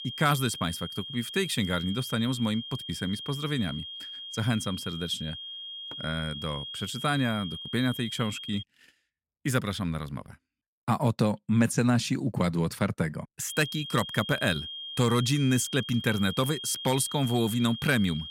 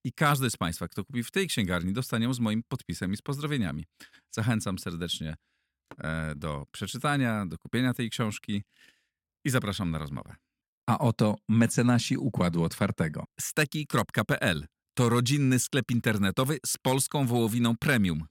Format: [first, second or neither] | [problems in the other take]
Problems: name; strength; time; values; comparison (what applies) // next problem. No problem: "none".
second | high-pitched whine; loud; until 8.5 s and from 13 s on; 3 kHz, 8 dB below the speech